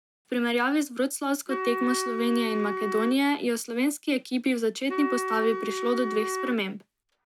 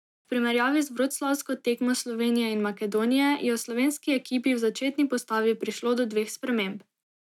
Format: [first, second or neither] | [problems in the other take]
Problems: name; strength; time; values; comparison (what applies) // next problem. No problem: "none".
second | background sound (Wind instrument, woodwind instrument); 6 dB below the speech